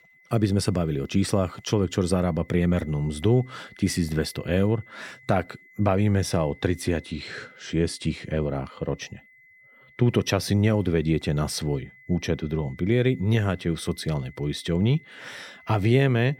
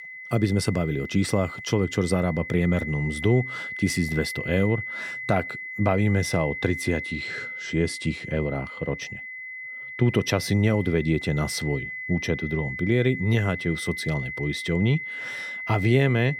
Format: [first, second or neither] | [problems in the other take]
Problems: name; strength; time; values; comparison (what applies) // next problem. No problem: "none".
first | high-pitched whine; loud; throughout; 2 kHz, 8 dB below the speech; faint in the first